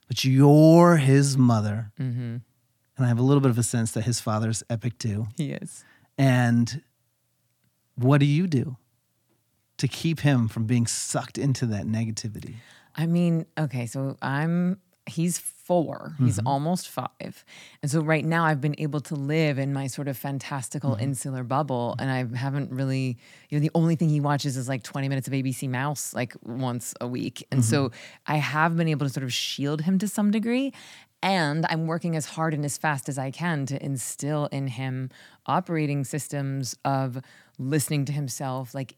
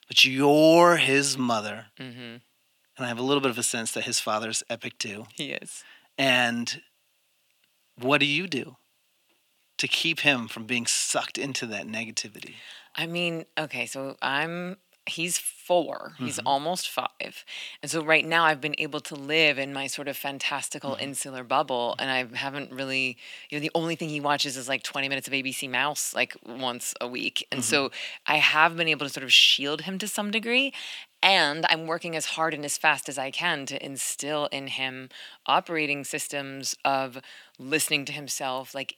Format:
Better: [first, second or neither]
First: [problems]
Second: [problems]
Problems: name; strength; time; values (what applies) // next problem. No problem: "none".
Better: first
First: none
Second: thin; somewhat; fading below 400 Hz